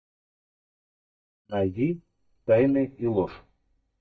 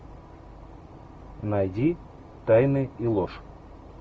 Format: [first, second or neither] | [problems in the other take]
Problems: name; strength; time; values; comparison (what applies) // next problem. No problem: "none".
second | noise reduction (neural mask model DeepFilterNet 3)